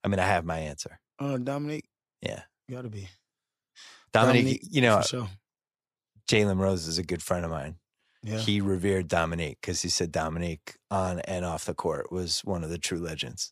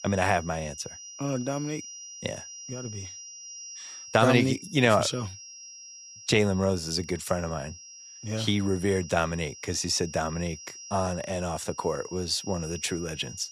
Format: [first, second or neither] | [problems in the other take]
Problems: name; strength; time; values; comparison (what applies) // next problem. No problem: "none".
first | high-pitched whine; noticeable; throughout; 5.5 kHz, 15 dB below the speech